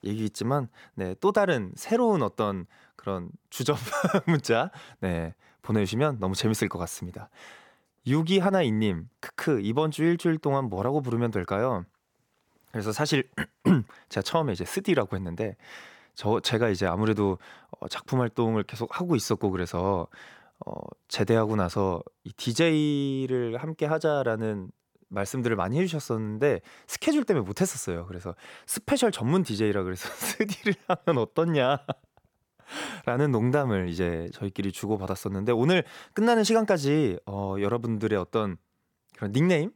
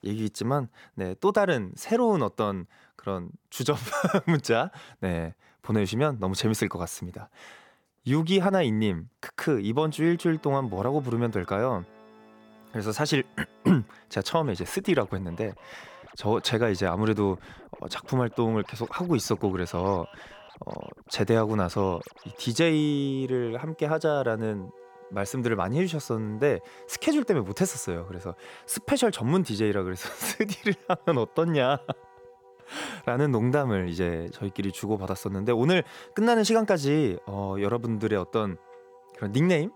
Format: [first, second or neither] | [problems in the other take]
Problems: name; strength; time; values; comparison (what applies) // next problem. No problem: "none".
first | background music; faint; from 10 s on; 25 dB below the speech